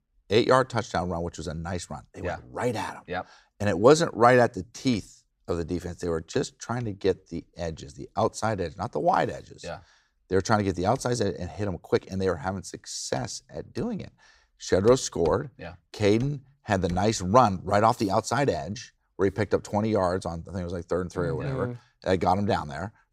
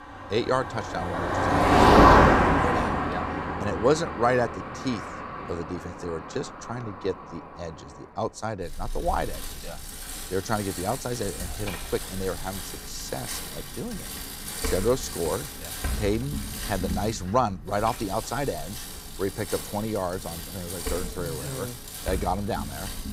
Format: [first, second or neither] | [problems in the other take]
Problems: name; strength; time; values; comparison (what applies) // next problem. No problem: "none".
first | traffic noise; very loud; throughout; 3 dB above the speech